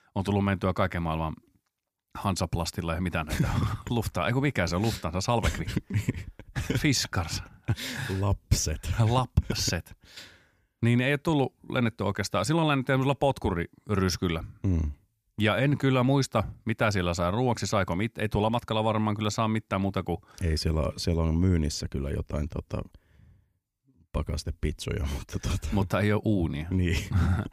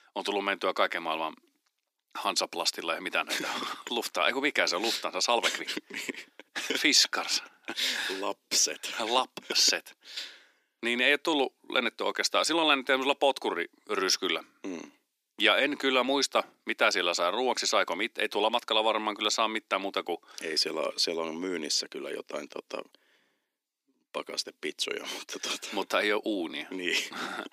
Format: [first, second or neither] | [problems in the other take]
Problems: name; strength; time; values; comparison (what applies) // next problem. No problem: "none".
first | thin; very; fading below 300 Hz